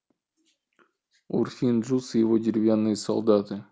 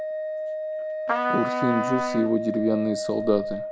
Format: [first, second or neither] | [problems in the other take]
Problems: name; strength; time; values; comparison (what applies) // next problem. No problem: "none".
first | background sound (Organ + Trumpet); 1 dB below the speech